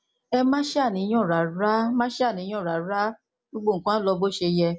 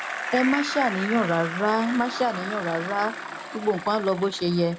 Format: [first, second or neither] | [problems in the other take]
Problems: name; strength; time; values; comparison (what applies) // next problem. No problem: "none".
first | background sound (Bicycle); 8 dB below the speech